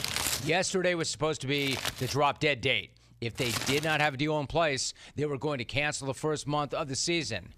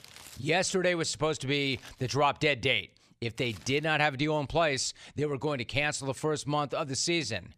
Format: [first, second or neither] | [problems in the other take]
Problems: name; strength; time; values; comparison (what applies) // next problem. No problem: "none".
second | household noises; loud; throughout; 5 dB below the speech; faint in the second